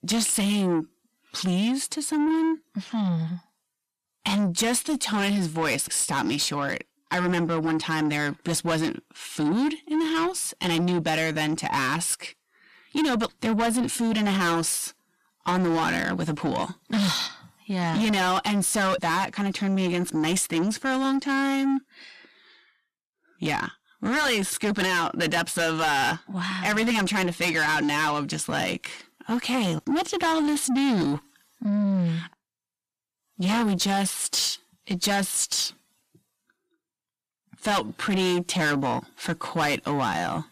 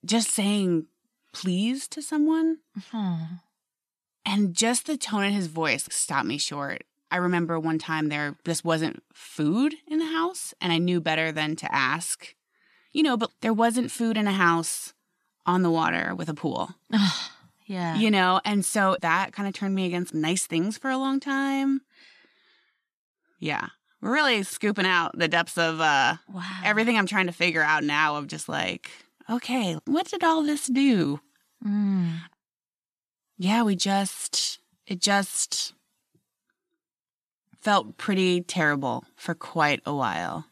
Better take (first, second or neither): second